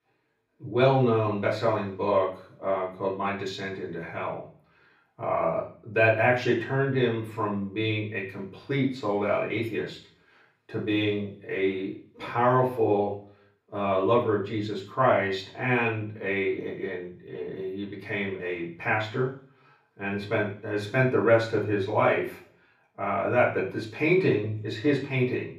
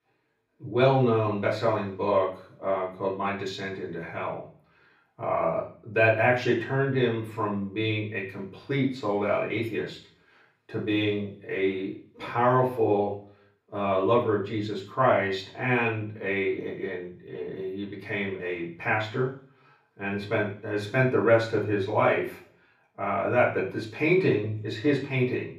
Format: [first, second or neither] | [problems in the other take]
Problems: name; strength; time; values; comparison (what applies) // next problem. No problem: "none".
neither | room echo; slight; dies away in 0.5 s; the same in both // off-mic speech; far; the same in both